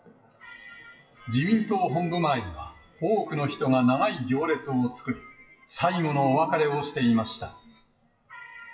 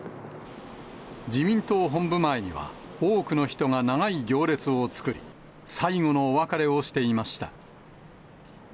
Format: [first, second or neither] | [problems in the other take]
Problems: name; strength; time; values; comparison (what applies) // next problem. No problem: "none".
second | noise reduction (classical method WPE with log-MMSE)